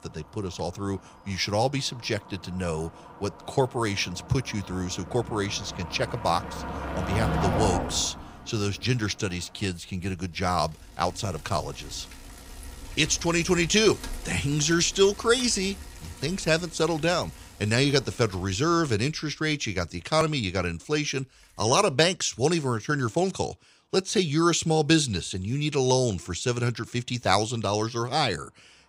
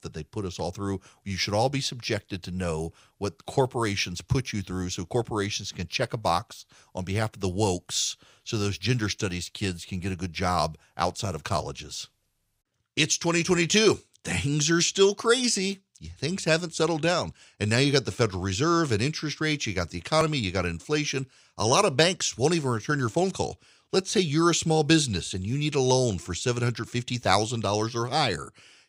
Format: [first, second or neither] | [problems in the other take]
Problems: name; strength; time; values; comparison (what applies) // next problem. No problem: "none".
second | traffic noise; noticeable; throughout; 10 dB below the speech